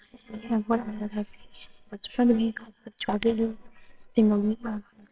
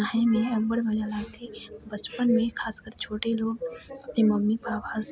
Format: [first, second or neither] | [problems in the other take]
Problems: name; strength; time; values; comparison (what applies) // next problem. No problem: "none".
second | noise reduction (neural separator model SepFormer WHAMR!)